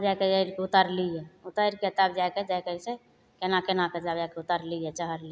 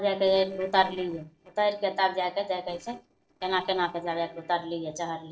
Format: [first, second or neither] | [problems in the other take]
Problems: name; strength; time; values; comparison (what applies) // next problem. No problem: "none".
first | noise reduction (neural separator model SepFormer DNS4)